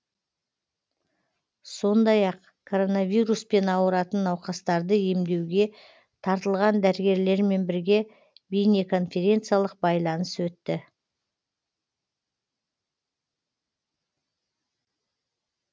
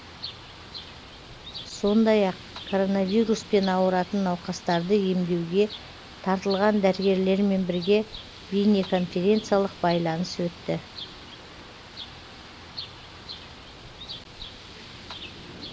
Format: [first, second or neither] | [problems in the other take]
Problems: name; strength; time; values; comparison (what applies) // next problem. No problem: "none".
first | background sound (Bird); 15 dB below the speech